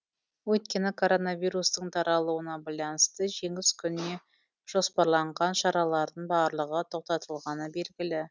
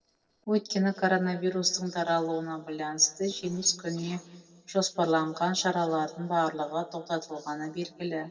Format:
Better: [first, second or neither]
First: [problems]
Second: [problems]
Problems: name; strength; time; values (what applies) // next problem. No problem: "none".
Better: first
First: none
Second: noise reduction (neural separator model SepFormer DNS4)